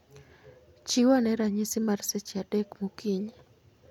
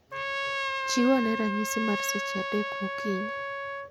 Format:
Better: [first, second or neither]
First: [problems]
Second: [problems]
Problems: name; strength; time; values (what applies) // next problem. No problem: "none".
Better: first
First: none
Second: background sound (Trumpet); 2 dB below the speech